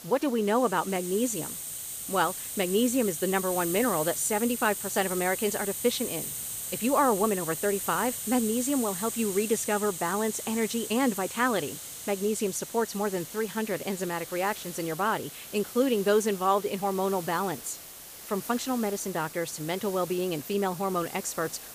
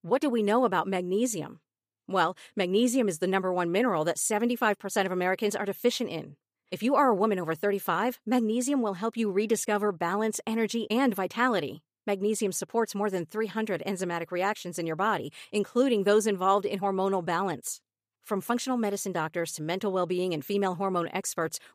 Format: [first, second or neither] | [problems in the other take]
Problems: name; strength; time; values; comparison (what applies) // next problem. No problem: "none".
second | hiss; loud; throughout; 7 dB below the speech